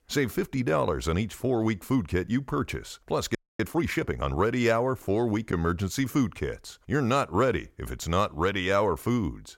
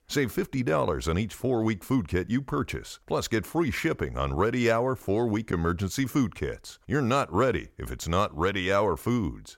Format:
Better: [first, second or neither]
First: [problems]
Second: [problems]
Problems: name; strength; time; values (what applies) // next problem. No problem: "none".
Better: second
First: audio freezing; at 3.5 s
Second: none